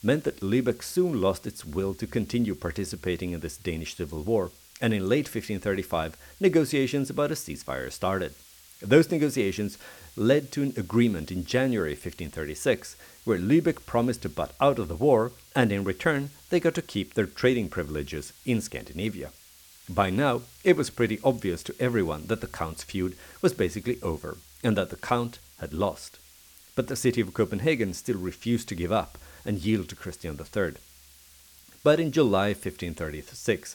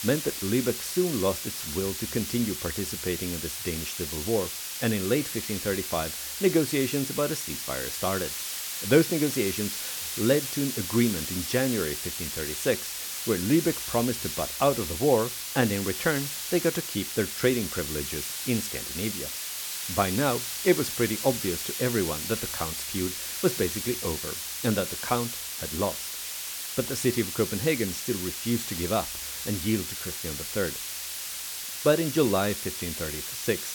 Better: first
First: hiss; faint; throughout; 25 dB below the speech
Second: hiss; loud; throughout; 3 dB below the speech

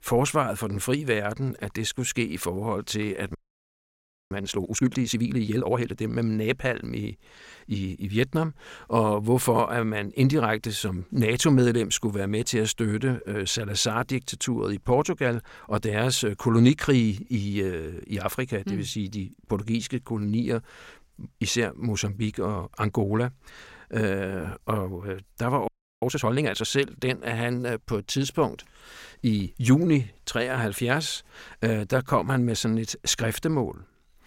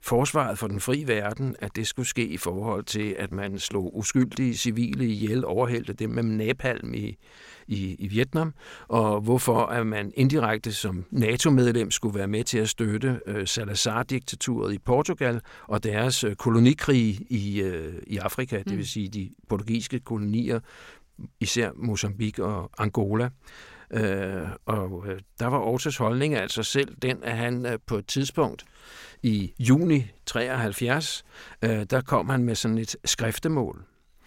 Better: second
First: audio freezing; at 3.5 s for 1 s and at 26 s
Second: none

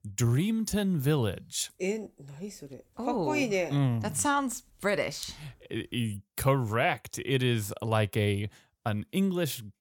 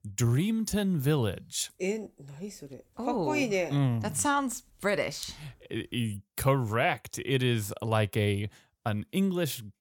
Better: neither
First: none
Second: none

